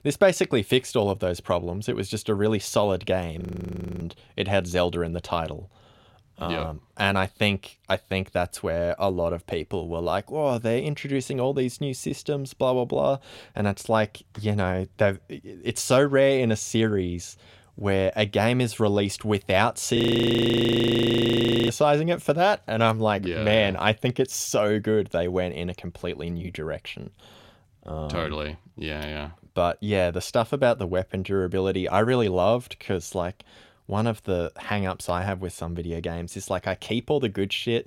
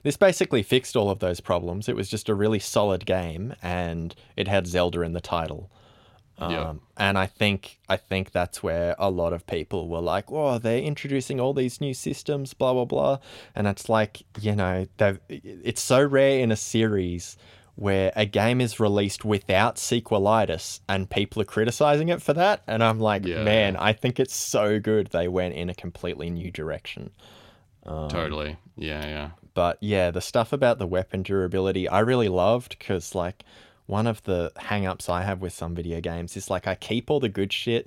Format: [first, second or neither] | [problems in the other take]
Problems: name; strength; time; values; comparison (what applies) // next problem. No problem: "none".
second | audio freezing; at 3.5 s for 0.5 s and at 20 s for 1.5 s